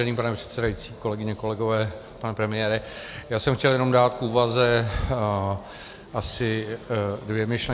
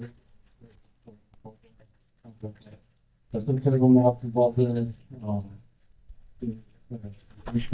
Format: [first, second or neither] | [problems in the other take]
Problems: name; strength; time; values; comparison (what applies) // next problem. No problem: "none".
first | noise reduction (neural mask model DeepFilterNet 3)